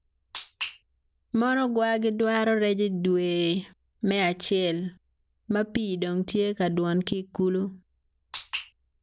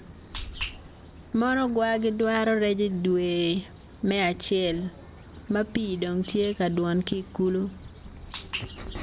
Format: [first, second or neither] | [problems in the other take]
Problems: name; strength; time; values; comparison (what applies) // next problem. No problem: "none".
first | background sound (Bird vocalization, bird call, bird song); 16 dB below the speech